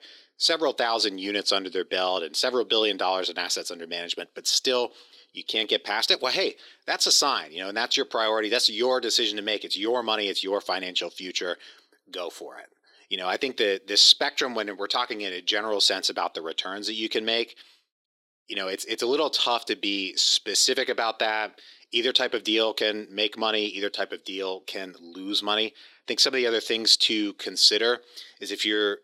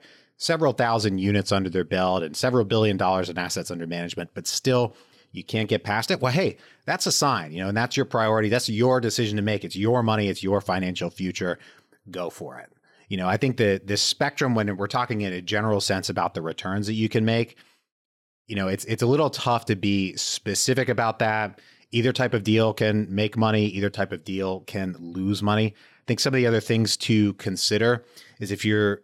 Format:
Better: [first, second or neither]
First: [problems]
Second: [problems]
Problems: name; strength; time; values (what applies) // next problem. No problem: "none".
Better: second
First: thin; somewhat; fading below 350 Hz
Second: none